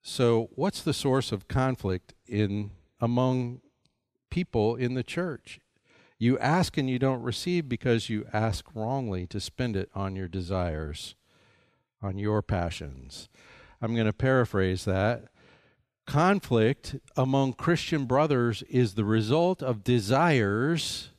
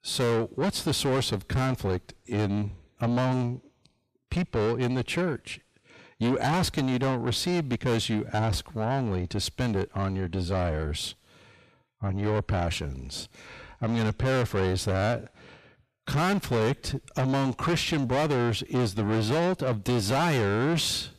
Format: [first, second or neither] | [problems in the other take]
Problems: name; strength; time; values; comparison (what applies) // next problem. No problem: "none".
first | distortion; heavy; 6 dB below the speech